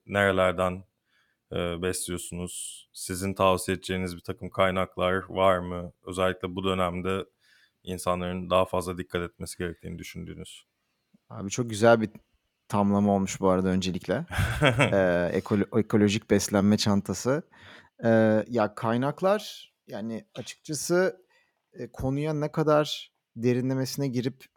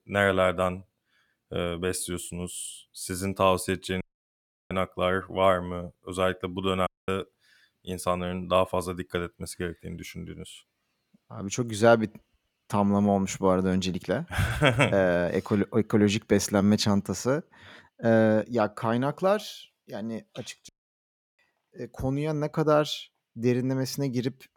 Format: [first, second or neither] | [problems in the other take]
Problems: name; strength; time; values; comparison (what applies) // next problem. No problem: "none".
first | audio cutting out; at 4 s for 0.5 s, at 7 s and at 21 s for 0.5 s